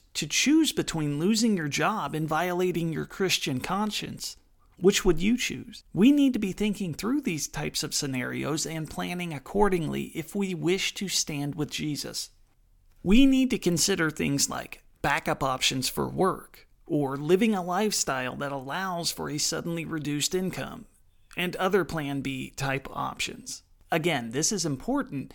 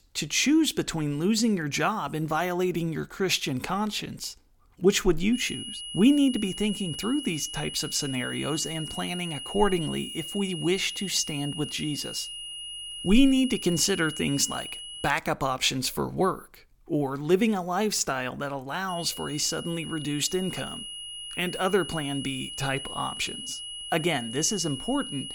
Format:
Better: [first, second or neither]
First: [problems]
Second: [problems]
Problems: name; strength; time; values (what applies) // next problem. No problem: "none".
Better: first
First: none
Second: high-pitched whine; loud; from 5.5 to 15 s and from 19 s on; 3 kHz, 9 dB below the speech